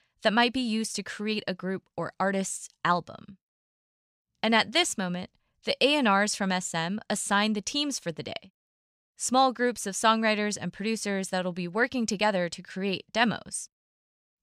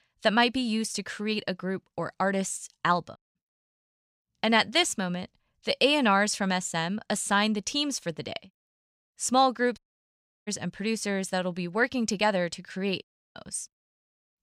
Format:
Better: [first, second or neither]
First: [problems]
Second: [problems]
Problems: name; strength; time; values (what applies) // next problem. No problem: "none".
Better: first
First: none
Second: audio cutting out; at 3 s, at 10 s for 0.5 s and at 13 s